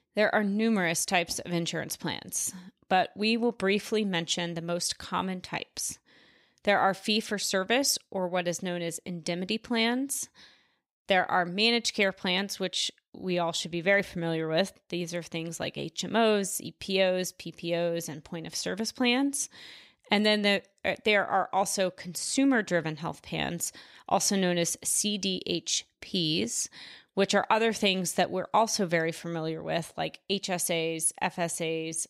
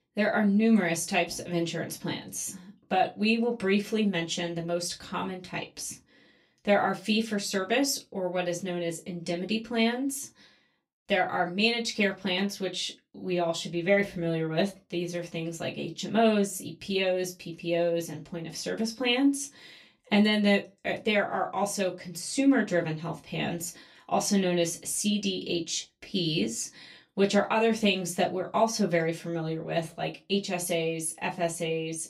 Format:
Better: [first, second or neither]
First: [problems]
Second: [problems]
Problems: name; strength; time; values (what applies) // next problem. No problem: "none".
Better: first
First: none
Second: off-mic speech; far // room echo; very slight; dies away in 0.2 s